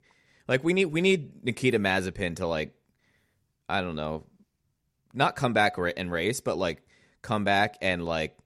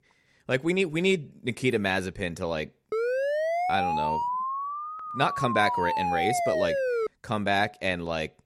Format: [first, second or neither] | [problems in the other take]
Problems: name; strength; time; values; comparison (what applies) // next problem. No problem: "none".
first | siren; loud; from 3 to 7 s; peak 1 dB above the speech